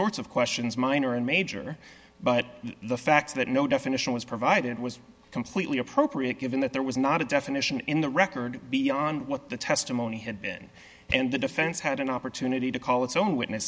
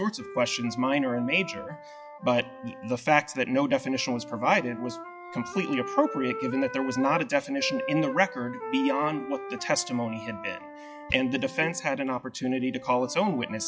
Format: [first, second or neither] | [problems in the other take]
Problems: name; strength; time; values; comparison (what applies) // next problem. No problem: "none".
first | noise reduction (classical method log-MMSE)